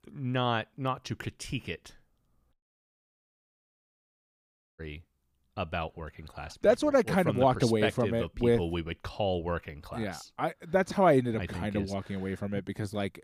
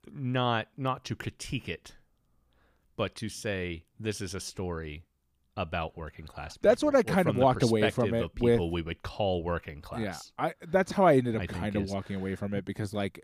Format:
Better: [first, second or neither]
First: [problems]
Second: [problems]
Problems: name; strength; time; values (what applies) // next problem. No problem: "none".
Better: second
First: audio cutting out; at 2.5 s for 2 s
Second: none